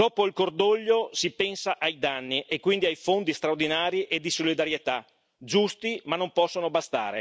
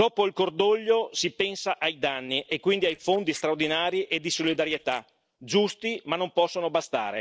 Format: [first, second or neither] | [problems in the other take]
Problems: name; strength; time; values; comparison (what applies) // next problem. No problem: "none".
first | noise reduction (neural separator model SepFormer DNS4)